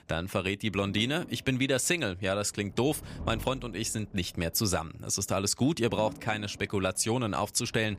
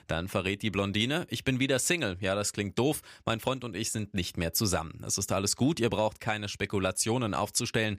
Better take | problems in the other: second | low rumble; faint; throughout; 20 dB below the speech

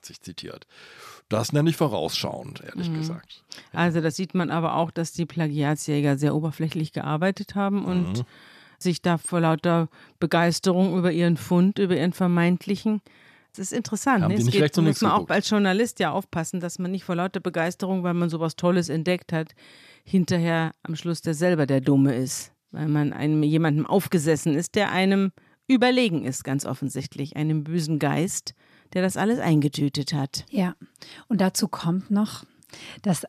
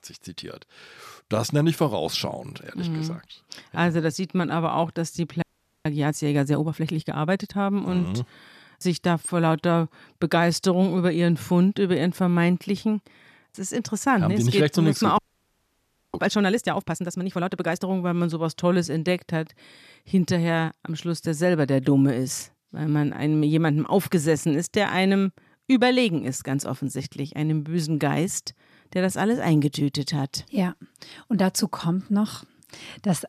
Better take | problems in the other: first | audio freezing; at 5.5 s and at 15 s for 1 s

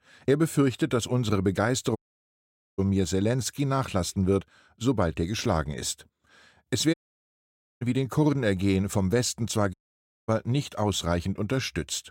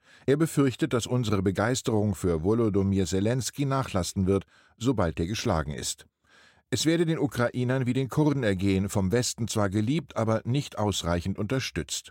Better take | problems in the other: second | audio cutting out; at 2 s for 1 s, at 7 s for 1 s and at 9.5 s for 0.5 s

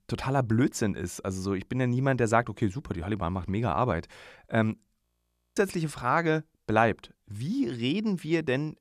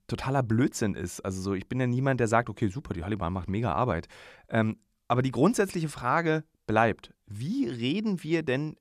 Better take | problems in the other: second | audio freezing; at 5 s for 0.5 s

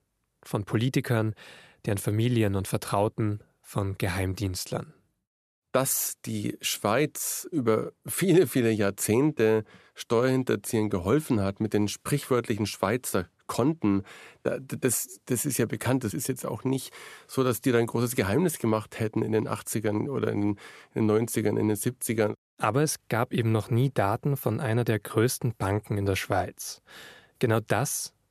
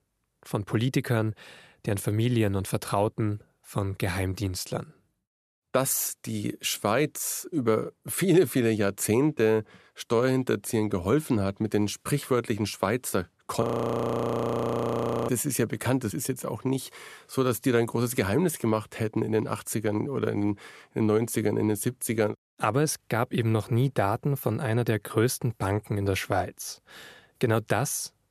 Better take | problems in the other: first | audio freezing; at 14 s for 1.5 s

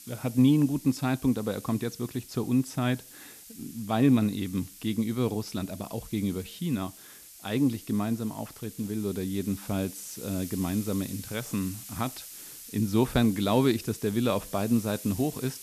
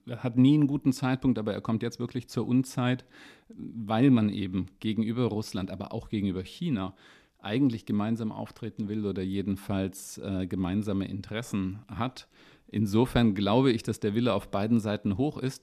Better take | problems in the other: second | hiss; noticeable; throughout; 15 dB below the speech

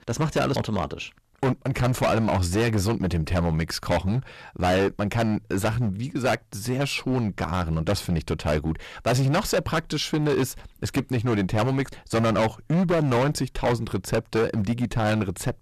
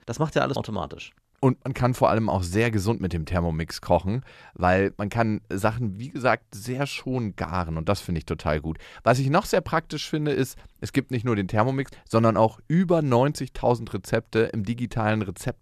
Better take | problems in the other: second | distortion; heavy; 14% of the sound clipped

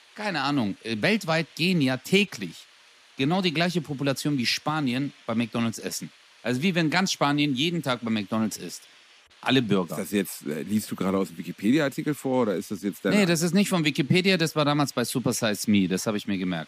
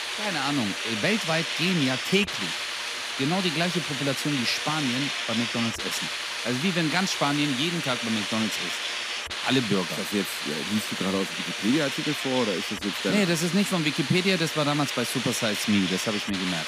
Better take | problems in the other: first | hiss; loud; throughout; 2 dB below the speech; faint in the first

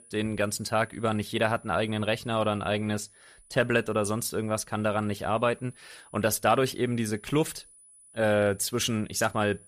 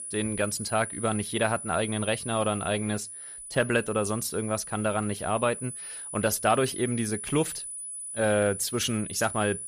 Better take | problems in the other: first | high-pitched whine; loud; throughout; 10 kHz, 8 dB below the speech; faint in the first

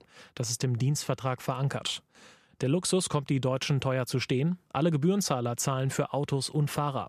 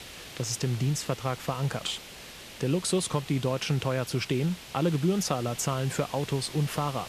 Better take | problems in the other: first | hiss; noticeable; throughout; 15 dB below the speech

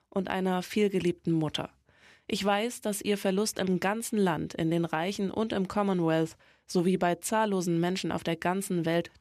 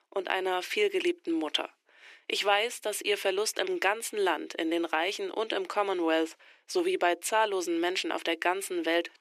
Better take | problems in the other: first | thin; very; fading below 350 Hz

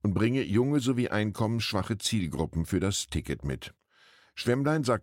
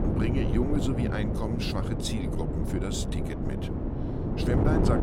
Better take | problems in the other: first | wind noise on the microphone; heavy; as loud as the speech

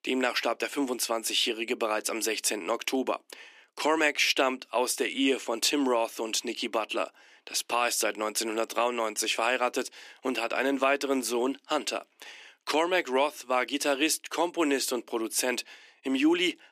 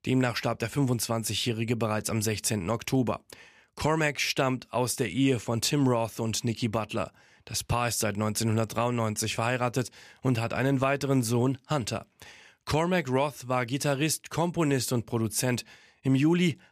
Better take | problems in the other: second | thin; somewhat; fading below 300 Hz

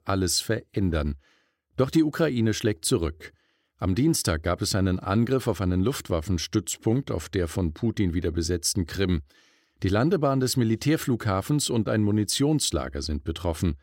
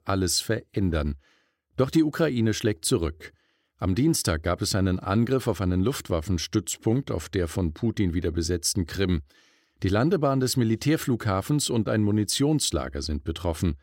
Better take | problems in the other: neither | none

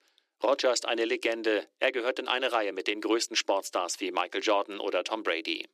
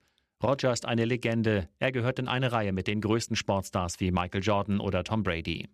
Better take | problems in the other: second | thin; very; fading below 300 Hz

